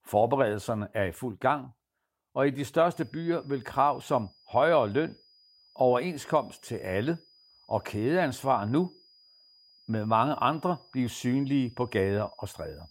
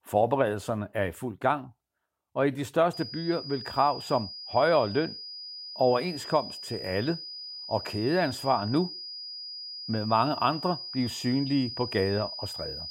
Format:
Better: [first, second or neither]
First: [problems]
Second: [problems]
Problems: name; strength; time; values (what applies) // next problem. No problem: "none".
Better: first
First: high-pitched whine; faint; from 3 s on; 5 kHz, 30 dB below the speech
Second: high-pitched whine; loud; from 3 s on; 5 kHz, 9 dB below the speech